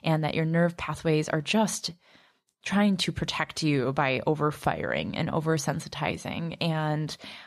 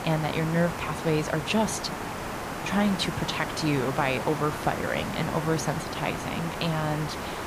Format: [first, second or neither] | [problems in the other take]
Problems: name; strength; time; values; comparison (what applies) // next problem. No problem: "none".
first | hiss; loud; throughout; 5 dB below the speech